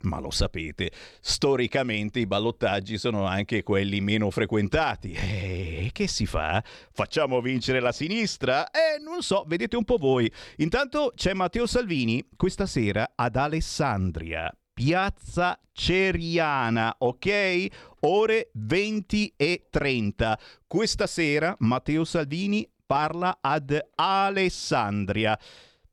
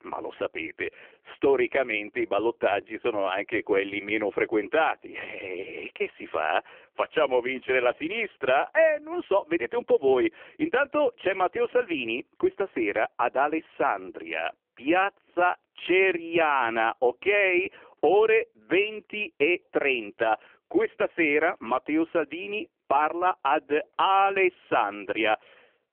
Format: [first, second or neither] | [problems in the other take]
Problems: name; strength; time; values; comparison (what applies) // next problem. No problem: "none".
first | phone-call audio; poor line